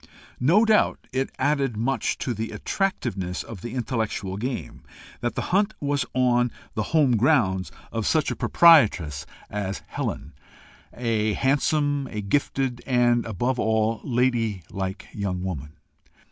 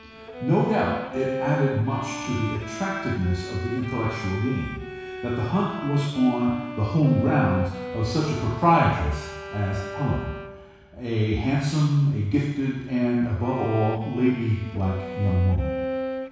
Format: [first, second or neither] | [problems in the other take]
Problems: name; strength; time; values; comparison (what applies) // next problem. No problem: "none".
first | background sound (Bowed string instrument); 10 dB below the speech // room echo; dies away in 1.1 s